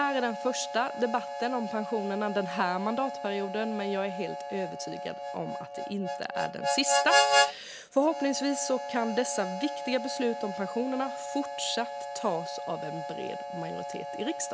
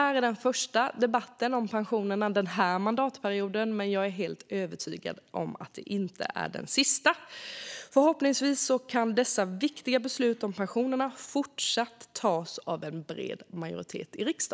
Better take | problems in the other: second | background sound (Harmonica); 1 dB below the speech

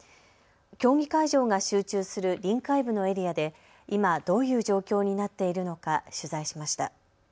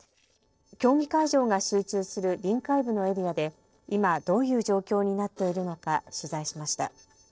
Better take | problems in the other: first | noise reduction (neural separator model SepFormer DNS4)

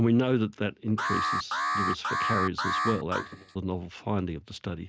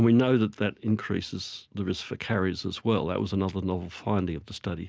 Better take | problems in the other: second | noise reduction (neural mask model RNNoise)

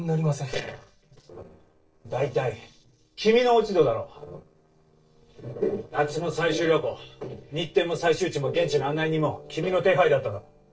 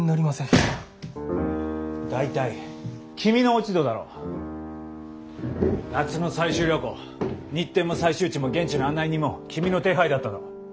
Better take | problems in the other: second | noise reduction (neural separator model SepFormer DNS4)

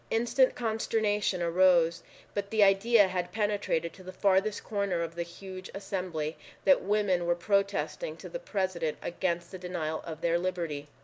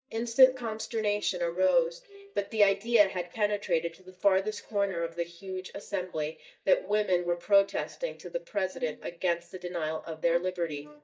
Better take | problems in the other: first | noise reduction (neural mask model DeepFilterNet 3)

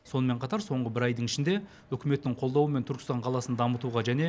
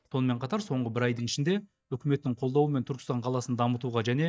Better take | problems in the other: first | noise reduction (neural mask model DeepFilterNet 3)

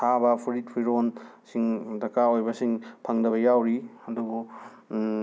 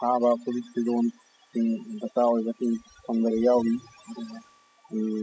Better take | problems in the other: first | noise reduction (classical method spectral subtraction)

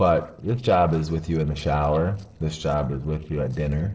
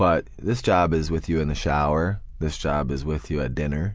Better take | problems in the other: second | noise reduction (neural separator model SepFormer DNS4)

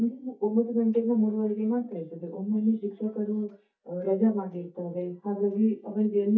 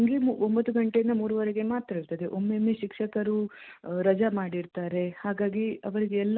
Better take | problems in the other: second | noise reduction (neural mask model DeepFilterNet 3)

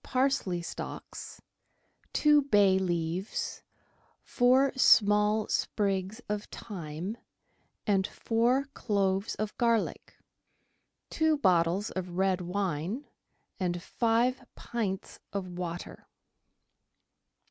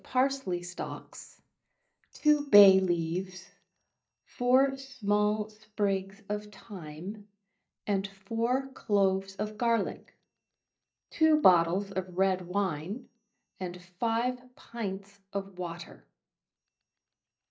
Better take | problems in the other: first | noise reduction (neural mask model DeepFilterNet 3)

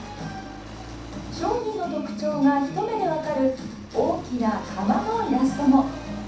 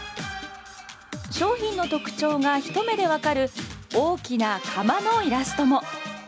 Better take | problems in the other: second | background sound (Accelerating, revving, vroom); 15 dB below the speech // room echo; dies away in 0.7 s

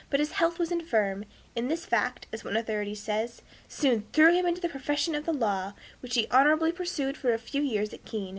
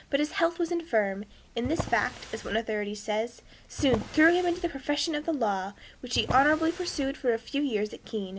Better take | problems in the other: first | background sound (Drawer open or close); 12 dB below the speech

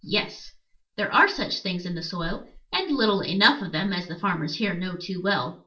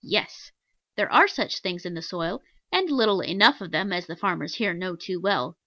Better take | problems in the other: second | room echo; dies away in 0.3 s

